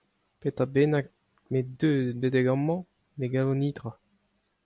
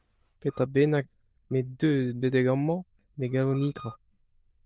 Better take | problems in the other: first | noise reduction (neural diffusion model UNIVERSE++)

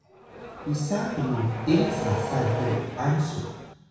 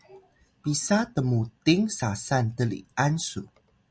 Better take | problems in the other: second | background sound (Accelerating, revving, vroom); 5 dB below the speech // room echo; dies away in 1.1 s

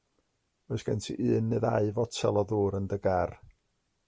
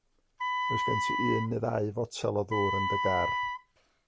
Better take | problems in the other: first | background sound (Wind instrument, woodwind instrument); as loud as the speech

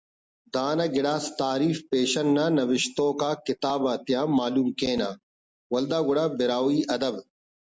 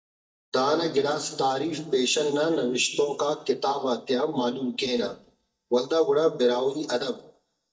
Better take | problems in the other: first | noise reduction (neural mask model DeepFilterNet 3)

